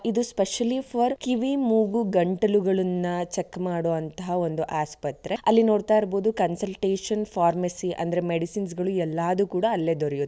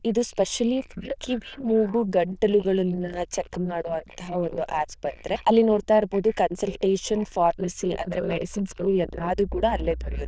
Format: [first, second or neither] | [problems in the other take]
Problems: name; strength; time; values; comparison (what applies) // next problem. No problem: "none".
first | noise reduction (neural diffusion model UNIVERSE++)